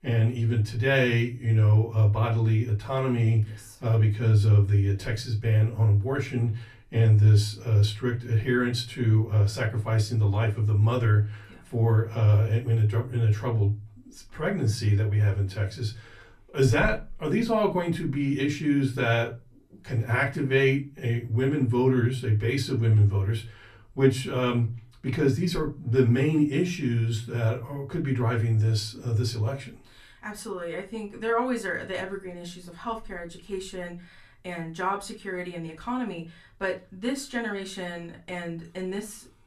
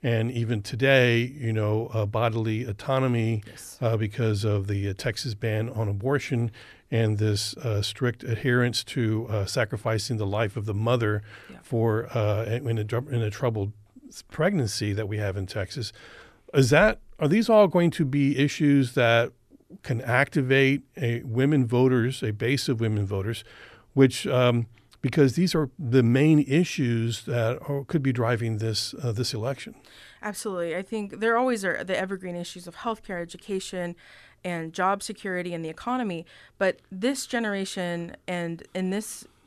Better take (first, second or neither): second